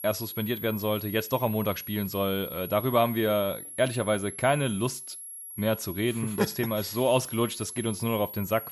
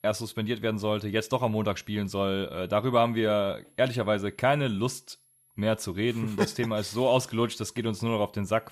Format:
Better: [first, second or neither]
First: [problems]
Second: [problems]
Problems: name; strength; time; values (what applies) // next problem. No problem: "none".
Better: second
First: high-pitched whine; loud; throughout; 11.5 kHz, 10 dB below the speech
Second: high-pitched whine; faint; throughout; 11.5 kHz, 35 dB below the speech